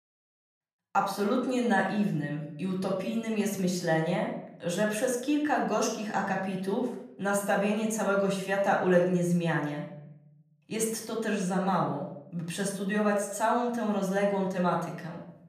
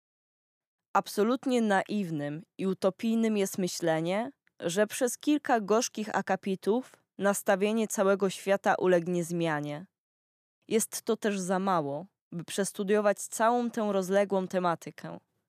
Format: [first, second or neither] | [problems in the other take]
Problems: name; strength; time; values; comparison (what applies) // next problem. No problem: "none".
second | off-mic speech; somewhat distant // room echo; noticeable; dies away in 0.7 s